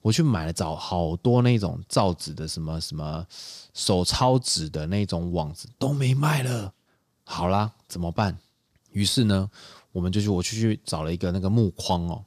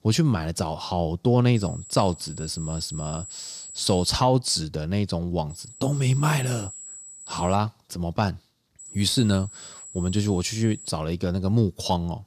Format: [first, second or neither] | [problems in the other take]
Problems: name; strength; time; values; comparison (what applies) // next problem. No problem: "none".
first | high-pitched whine; noticeable; from 1.5 to 4 s, from 5.5 to 7.5 s and from 9 to 11 s; 7.5 kHz, 15 dB below the speech